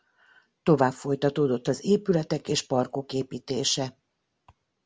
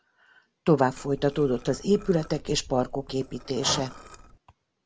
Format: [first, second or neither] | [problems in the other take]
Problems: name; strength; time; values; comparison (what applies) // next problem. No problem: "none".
first | background sound (Liquid + Breathing); 13 dB below the speech